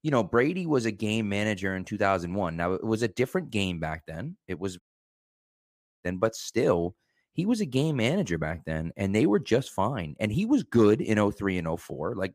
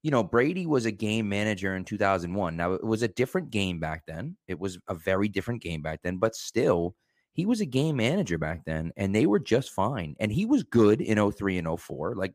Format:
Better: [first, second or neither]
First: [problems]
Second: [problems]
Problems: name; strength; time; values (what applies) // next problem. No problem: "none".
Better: second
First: audio cutting out; at 5 s for 1 s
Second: none